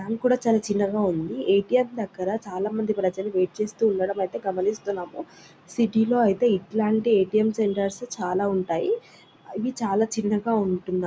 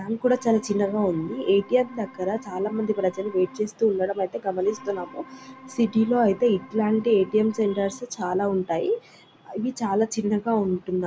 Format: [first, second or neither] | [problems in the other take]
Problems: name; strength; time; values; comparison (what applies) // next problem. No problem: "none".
first | background sound (Organ); 20 dB below the speech